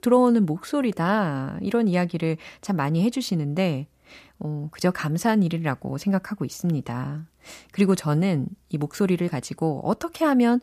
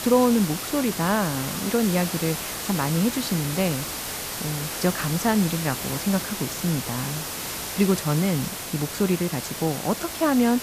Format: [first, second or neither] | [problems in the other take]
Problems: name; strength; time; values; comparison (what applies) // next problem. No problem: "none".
first | hiss; loud; throughout; 5 dB below the speech